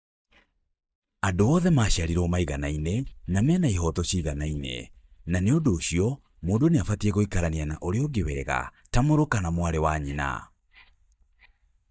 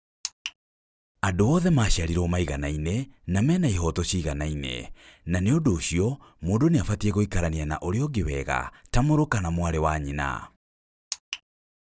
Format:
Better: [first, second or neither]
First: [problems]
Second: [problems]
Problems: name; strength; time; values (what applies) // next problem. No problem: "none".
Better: second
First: noise reduction (neural mask model DeepFilterNet 3)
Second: none